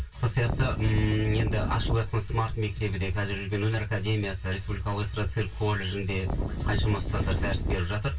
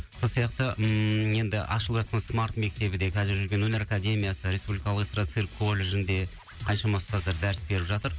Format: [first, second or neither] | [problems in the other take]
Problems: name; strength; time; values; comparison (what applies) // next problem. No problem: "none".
second | background sound (Wind); 2 dB below the speech // room echo; dies away in 0.1 s